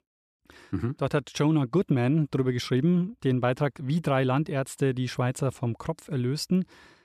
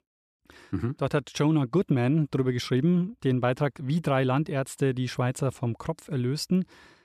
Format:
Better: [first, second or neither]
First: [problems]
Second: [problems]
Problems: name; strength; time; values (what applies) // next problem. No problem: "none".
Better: neither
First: none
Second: none